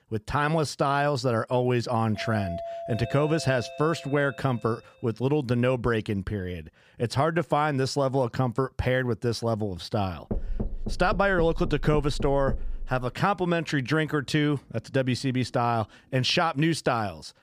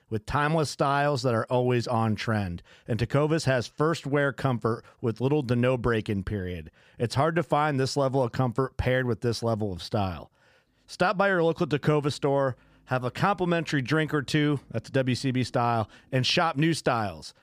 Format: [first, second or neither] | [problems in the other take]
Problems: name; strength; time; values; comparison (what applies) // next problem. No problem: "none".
second | doorbell; noticeable; from 2 to 4.5 s; peak 8 dB below the speech // door banging; noticeable; from 10 to 13 s; peak 7 dB below the speech